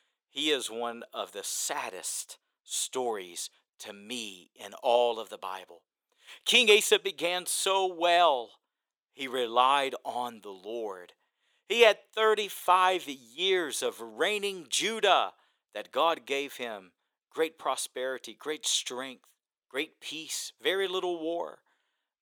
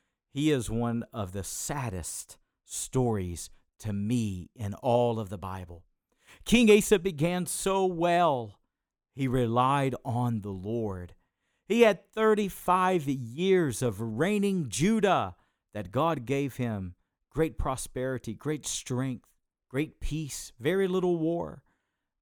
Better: second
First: thin; very; fading below 450 Hz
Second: none

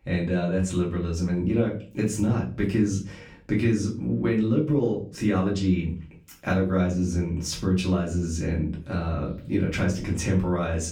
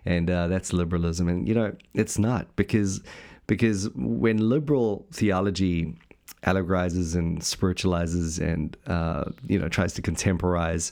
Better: second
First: room echo; slight; dies away in 0.4 s // off-mic speech; far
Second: none

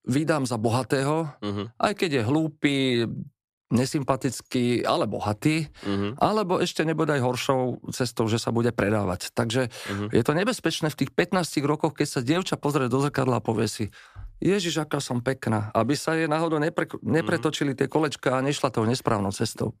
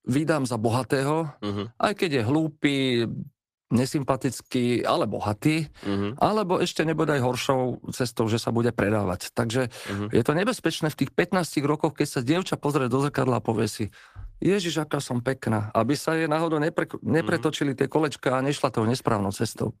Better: first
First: none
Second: garbled, watery; slightly; nothing above 14.5 kHz

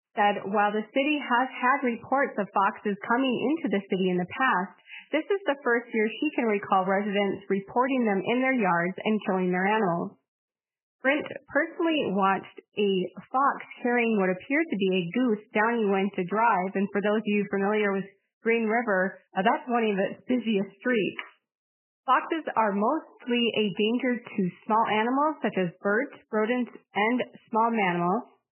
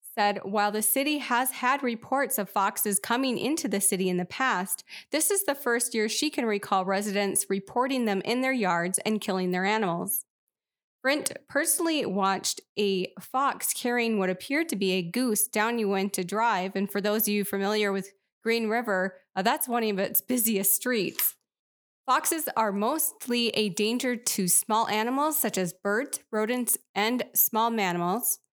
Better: second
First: garbled, watery; badly; nothing above 3 kHz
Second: none

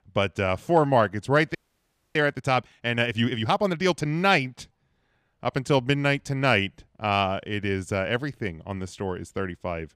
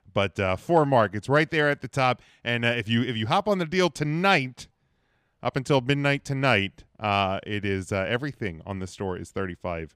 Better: second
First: audio freezing; at 1.5 s for 0.5 s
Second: none

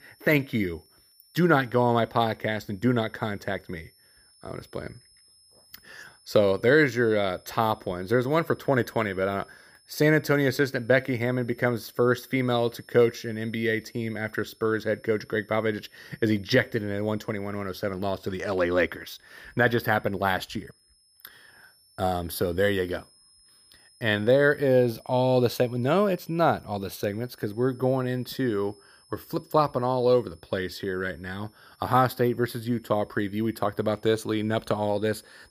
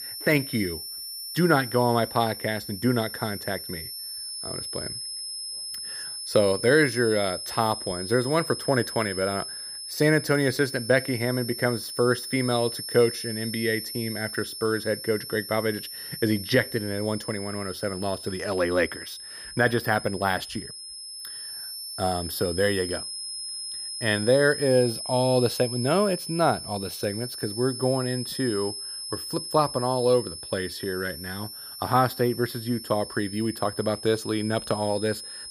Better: first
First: high-pitched whine; faint; throughout; 5 kHz, 30 dB below the speech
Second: high-pitched whine; loud; throughout; 5 kHz, 8 dB below the speech

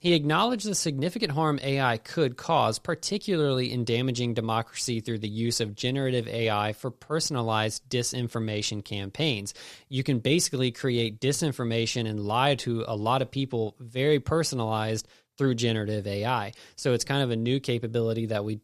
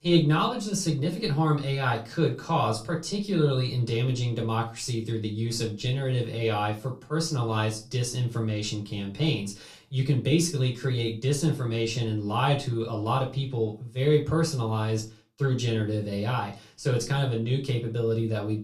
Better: first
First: none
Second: off-mic speech; far // room echo; very slight; dies away in 0.3 s

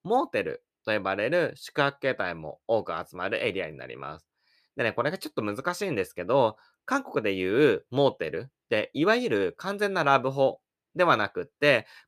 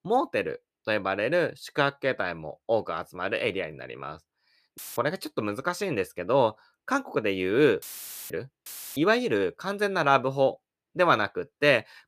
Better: first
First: none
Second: audio cutting out; filled with static; at 5 s, at 8 s and at 8.5 s

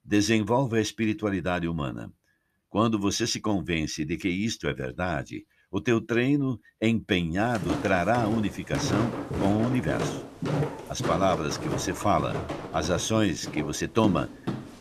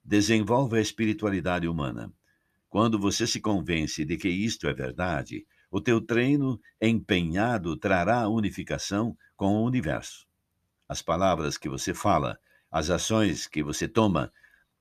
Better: second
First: footsteps; noticeable; from 7.5 s on; peak 2 dB below the speech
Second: none

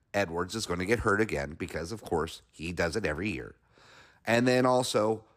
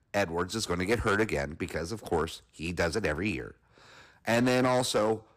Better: first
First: none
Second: distortion; slight; 4% of the sound clipped

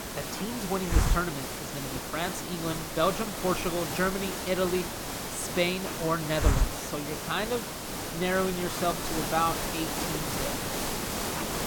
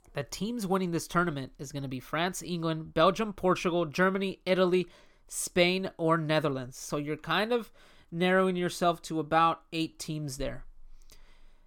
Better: second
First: hiss; loud; throughout; 1 dB below the speech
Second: none

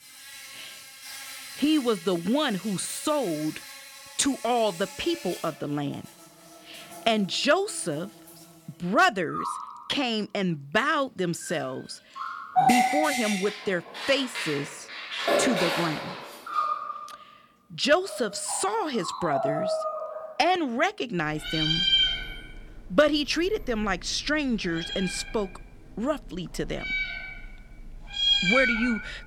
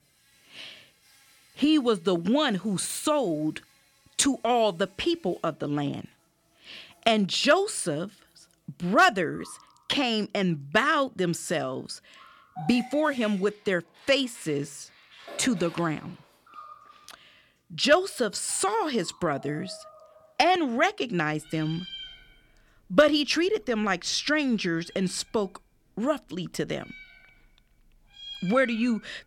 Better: second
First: animal sounds; loud; throughout; 1 dB below the speech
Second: animal sounds; faint; throughout; 20 dB below the speech

